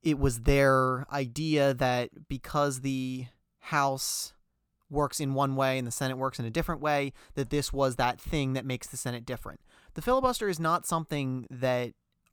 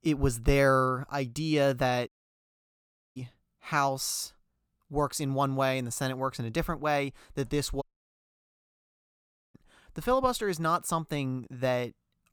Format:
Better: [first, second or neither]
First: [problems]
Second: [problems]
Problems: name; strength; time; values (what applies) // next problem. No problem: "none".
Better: first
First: none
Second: audio cutting out; at 2 s for 1 s and at 8 s for 1.5 s